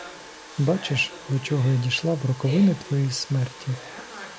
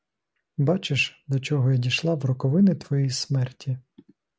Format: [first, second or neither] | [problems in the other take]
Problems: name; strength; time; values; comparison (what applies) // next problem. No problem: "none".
second | background sound (Domestic sounds, home sounds); 15 dB below the speech